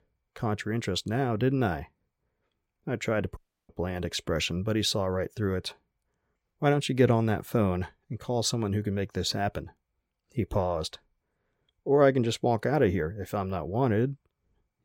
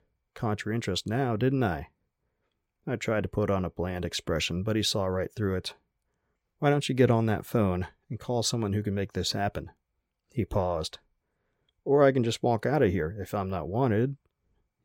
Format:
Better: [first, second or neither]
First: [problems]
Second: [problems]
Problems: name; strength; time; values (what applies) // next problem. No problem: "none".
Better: second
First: audio cutting out; at 3.5 s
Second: none